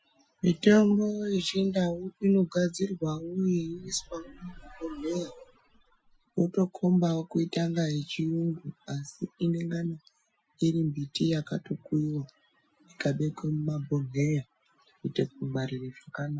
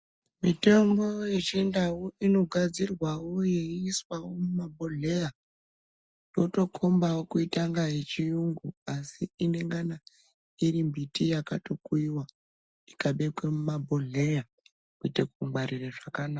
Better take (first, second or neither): second